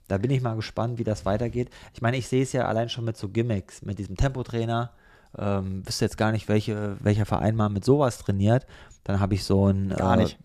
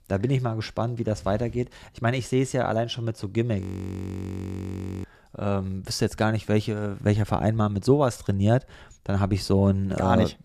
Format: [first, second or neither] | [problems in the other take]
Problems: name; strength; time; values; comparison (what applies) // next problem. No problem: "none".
first | audio freezing; at 3.5 s for 1.5 s